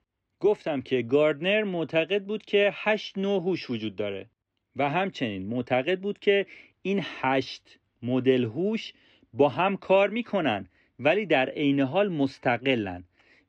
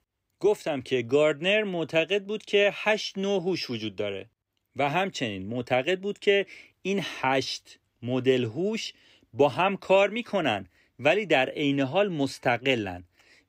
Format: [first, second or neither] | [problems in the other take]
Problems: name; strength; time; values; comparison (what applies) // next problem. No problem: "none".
second | muffled; slightly; fading above 3.5 kHz